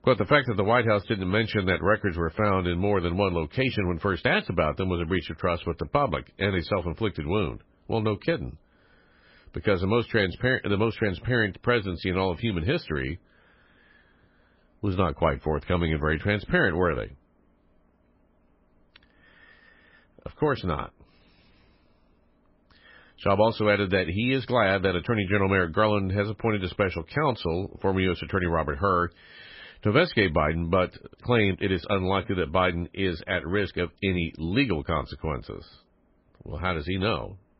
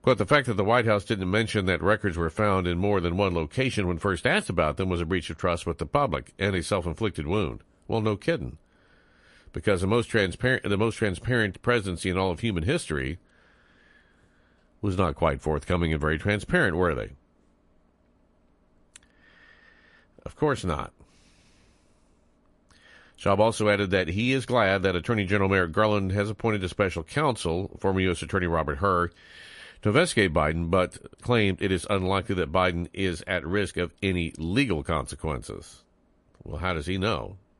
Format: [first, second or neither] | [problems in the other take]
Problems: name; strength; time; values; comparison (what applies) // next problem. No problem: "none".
second | garbled, watery; badly; nothing above 5.5 kHz; slightly in the second